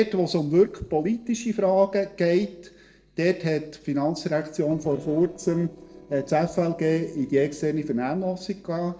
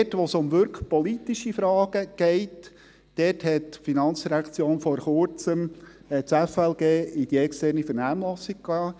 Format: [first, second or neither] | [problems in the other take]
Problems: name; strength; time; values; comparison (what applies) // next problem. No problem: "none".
second | noise reduction (neural separator model SepFormer DNS4)